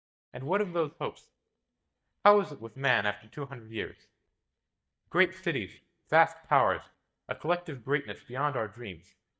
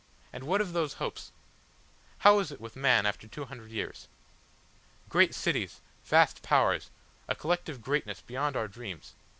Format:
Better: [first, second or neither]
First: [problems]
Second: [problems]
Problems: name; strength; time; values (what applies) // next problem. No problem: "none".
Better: second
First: noise reduction (neural mask model DeepFilterNet 3)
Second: none